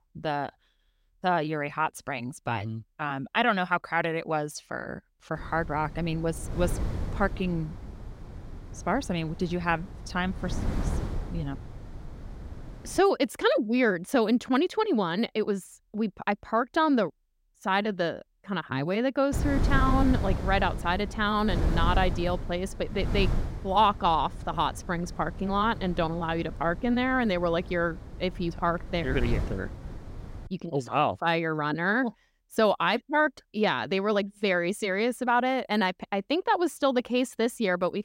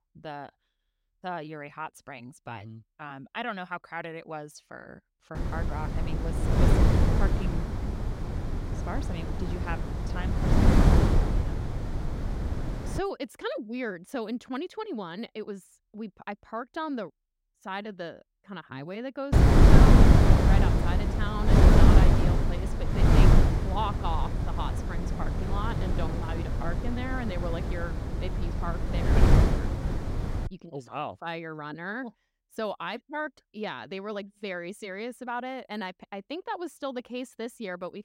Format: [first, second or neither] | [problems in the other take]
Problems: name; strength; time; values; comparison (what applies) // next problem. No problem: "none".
first | wind noise on the microphone; heavy; from 5.5 to 13 s and from 19 to 30 s; 3 dB above the speech; occasional gusts in the first